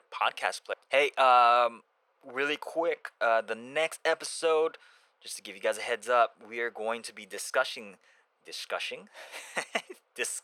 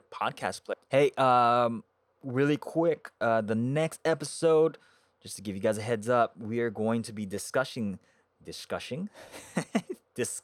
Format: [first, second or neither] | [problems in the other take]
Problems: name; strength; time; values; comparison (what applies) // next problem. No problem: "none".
second | thin; very; fading below 700 Hz